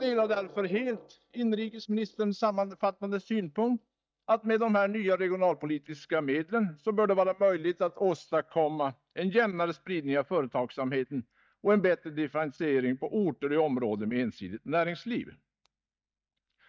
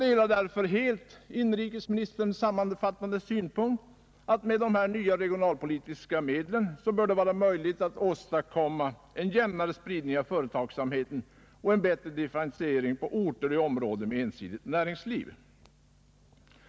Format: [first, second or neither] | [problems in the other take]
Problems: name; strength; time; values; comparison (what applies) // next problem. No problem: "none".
second | noise reduction (neural mask model DeepFilterNet 3)